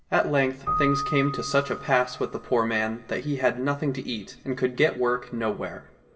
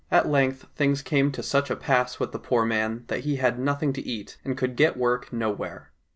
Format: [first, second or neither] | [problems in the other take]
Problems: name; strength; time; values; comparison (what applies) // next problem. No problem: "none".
second | background sound (Keyboard (musical)); 10 dB below the speech // room echo; dies away in 1.4 s